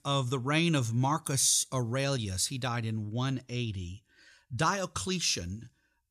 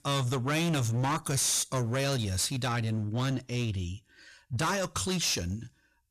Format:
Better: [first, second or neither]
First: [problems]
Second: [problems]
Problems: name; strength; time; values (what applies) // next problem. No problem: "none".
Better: first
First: none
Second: distortion; heavy; 20% of the sound clipped